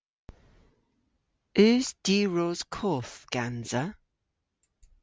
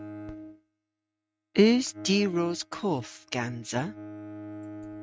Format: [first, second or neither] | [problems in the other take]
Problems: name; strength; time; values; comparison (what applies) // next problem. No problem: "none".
first | noise reduction (neural mask model RNNoise)